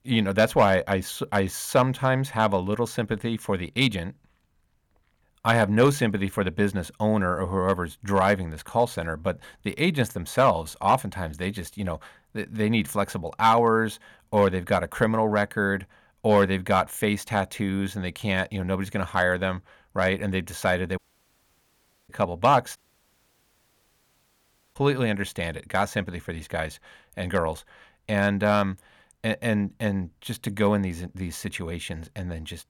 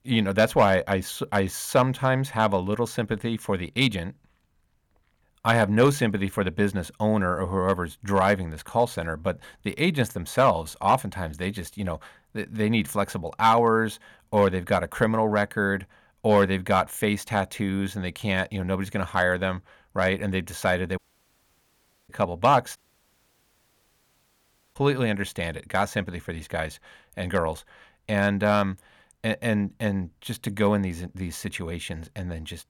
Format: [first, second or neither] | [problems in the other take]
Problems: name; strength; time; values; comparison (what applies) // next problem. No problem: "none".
neither | audio cutting out; at 21 s for 1 s and at 23 s for 2 s; the same in both